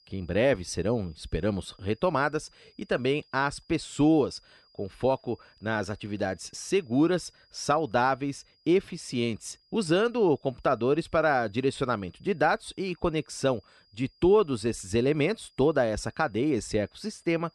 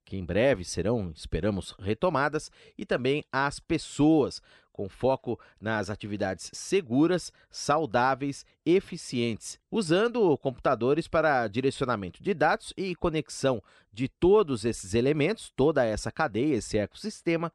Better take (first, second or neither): second